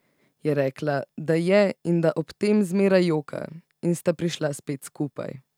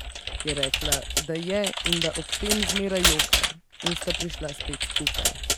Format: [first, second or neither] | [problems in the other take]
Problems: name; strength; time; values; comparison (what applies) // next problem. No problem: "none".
first | background sound (Computer keyboard); 4 dB above the speech